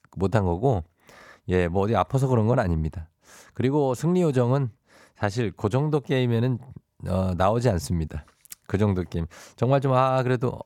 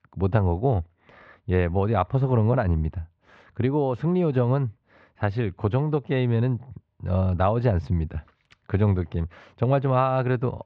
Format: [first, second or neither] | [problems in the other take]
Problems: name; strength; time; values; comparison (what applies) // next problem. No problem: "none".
first | muffled; slightly; fading above 3.5 kHz